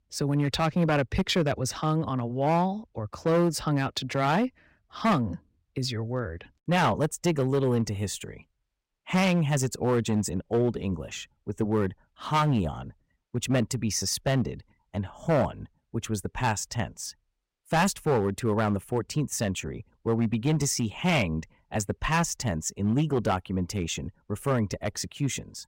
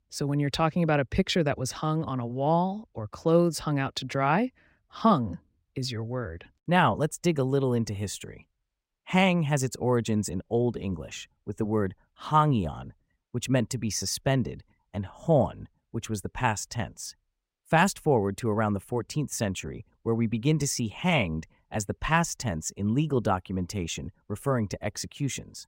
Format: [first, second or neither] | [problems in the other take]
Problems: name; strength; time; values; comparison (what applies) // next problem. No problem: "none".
second | distortion; slight; 5% of the sound clipped